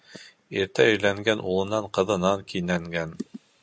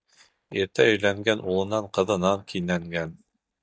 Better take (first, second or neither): first